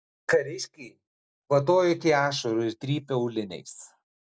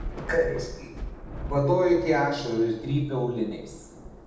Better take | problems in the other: first | background sound (Thunder / Rain); 11 dB below the speech // room echo; dies away in 0.8 s

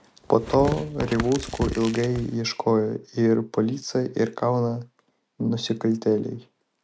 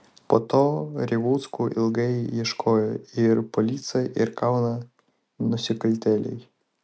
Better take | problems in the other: second | background sound (Tearing); 9 dB below the speech

